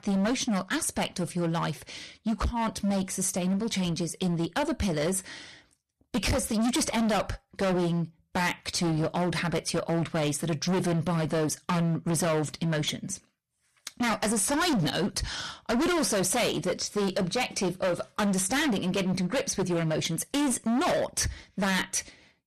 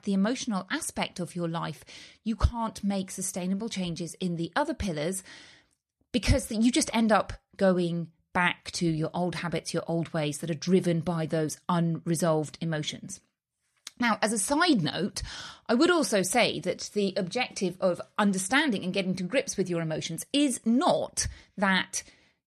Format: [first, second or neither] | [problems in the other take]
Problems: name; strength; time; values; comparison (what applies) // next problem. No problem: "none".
second | distortion; heavy; 22% of the sound clipped